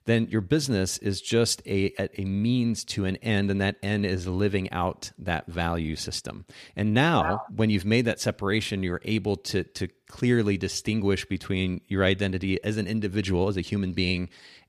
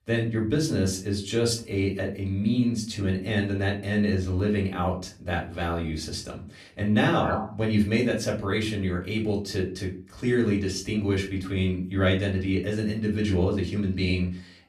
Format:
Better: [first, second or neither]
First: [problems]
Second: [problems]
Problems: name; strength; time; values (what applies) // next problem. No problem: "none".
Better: first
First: none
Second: off-mic speech; far // room echo; very slight; dies away in 0.3 s